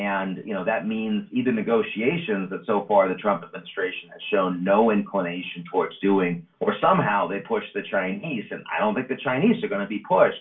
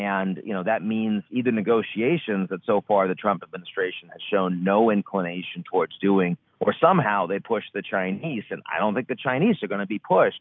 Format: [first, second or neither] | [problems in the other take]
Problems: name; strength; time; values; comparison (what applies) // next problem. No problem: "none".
second | room echo; dies away in 0.2 s